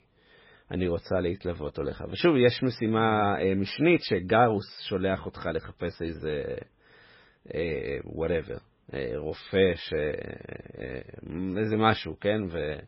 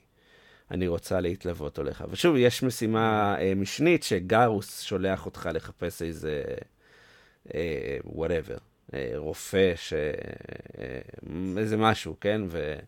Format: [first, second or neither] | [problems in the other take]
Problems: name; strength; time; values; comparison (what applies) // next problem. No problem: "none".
second | garbled, watery; badly; nothing above 5.5 kHz